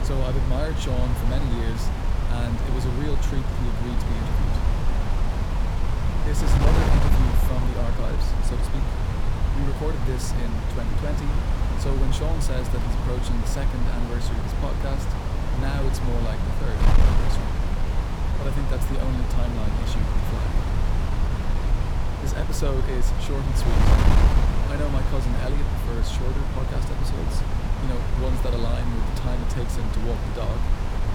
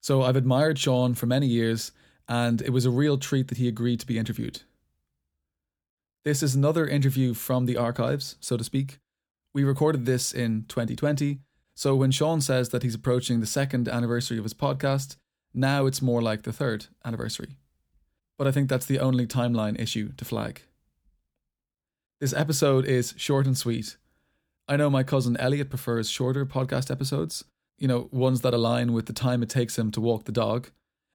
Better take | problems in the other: second | wind noise on the microphone; heavy; 2 dB above the speech

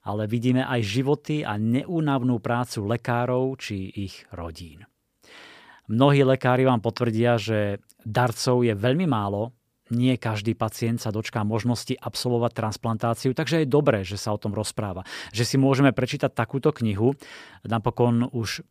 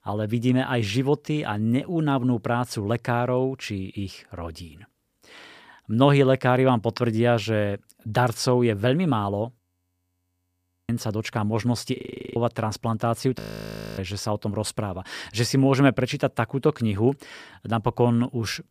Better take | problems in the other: first | audio freezing; at 9.5 s for 1.5 s, at 12 s and at 13 s for 0.5 s

